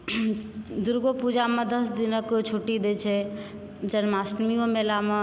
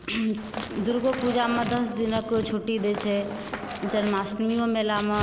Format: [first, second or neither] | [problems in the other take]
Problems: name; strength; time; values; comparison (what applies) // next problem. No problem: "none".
first | background sound (Scissors + Run); 10 dB below the speech